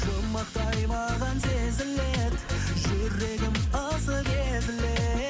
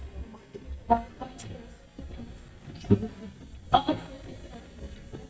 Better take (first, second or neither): first